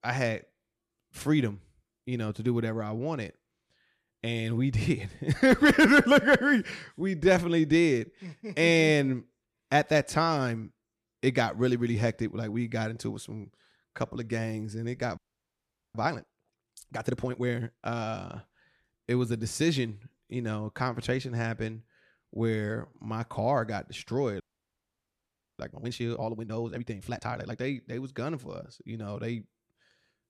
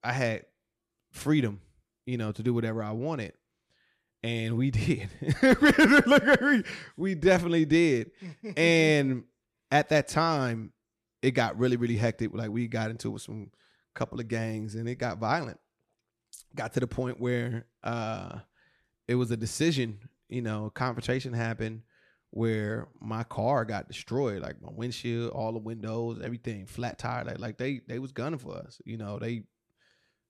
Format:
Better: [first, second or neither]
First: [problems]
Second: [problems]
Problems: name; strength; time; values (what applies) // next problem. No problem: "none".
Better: second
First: audio freezing; at 15 s for 1 s and at 24 s for 1 s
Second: none